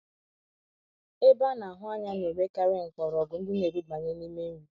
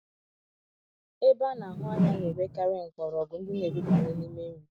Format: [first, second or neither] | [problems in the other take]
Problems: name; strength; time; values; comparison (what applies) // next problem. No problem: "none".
first | background sound (Whoosh, swoosh, swish); 1 dB above the speech